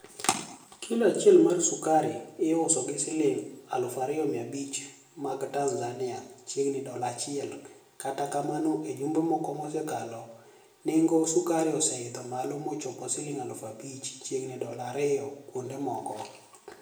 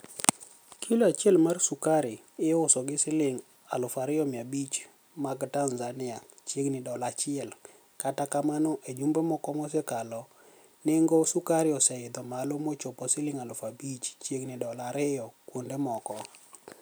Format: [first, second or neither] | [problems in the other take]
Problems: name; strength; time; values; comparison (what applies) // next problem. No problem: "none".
second | room echo; dies away in 0.7 s